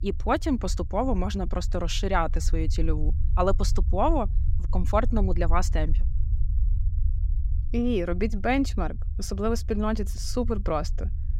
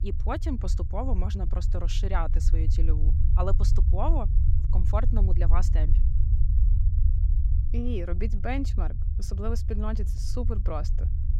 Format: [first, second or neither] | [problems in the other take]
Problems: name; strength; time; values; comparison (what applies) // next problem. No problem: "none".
first | low rumble; loud; throughout; 9 dB below the speech; faint in the first